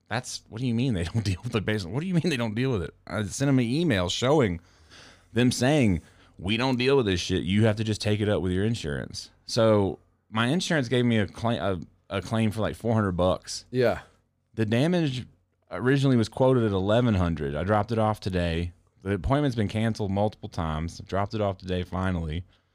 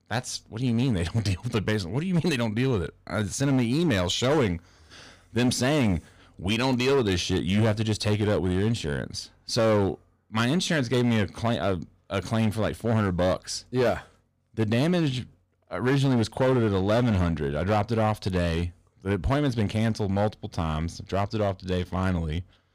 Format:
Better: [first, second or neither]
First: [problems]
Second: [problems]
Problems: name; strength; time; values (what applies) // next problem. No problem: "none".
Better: first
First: none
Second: distortion; slight; 8% of the sound clipped